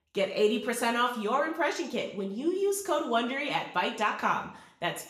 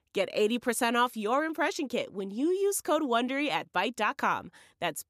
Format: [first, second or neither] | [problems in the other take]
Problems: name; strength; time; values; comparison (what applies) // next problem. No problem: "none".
second | room echo; slight; dies away in 0.6 s // off-mic speech; somewhat distant